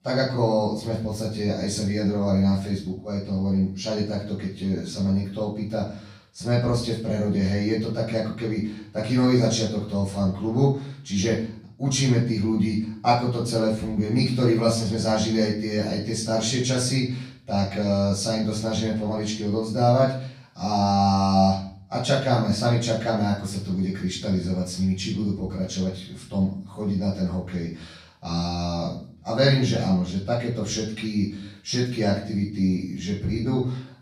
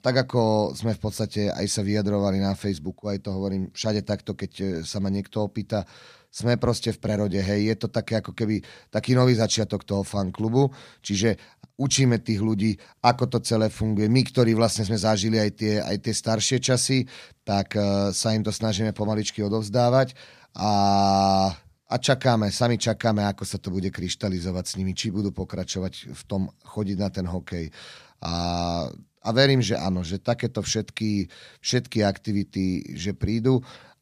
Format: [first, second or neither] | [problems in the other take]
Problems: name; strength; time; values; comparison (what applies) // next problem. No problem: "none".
second | off-mic speech; far // room echo; noticeable; dies away in 0.4 s